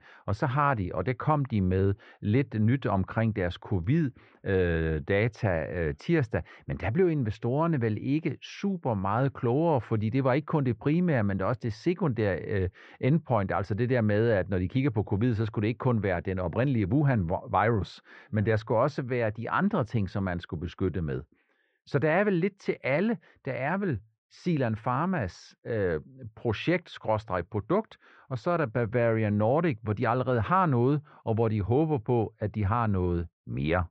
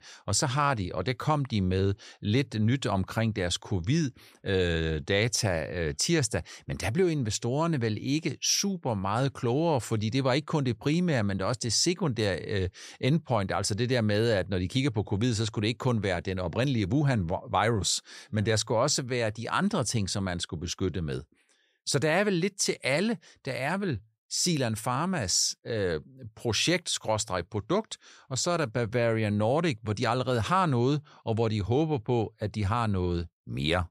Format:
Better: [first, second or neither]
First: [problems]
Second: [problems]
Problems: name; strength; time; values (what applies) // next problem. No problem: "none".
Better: second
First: muffled; very; fading above 2 kHz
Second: none